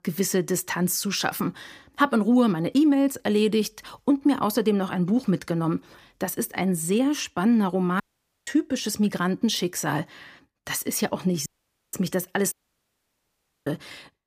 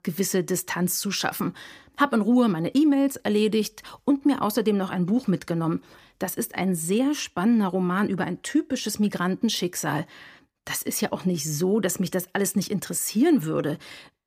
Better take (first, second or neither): second